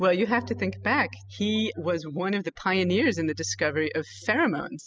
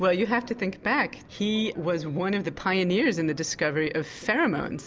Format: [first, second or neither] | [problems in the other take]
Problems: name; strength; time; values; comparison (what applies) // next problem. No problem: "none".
second | noise reduction (classical method spectral subtraction)